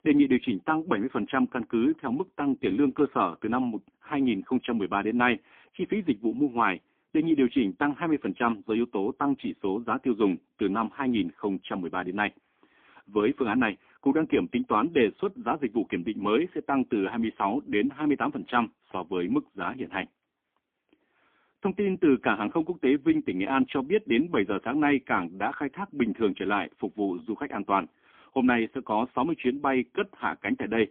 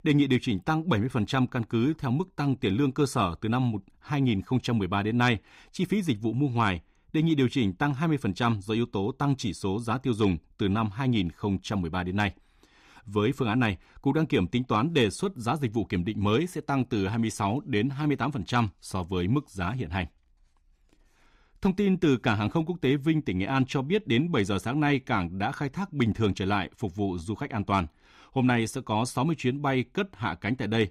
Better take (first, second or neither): second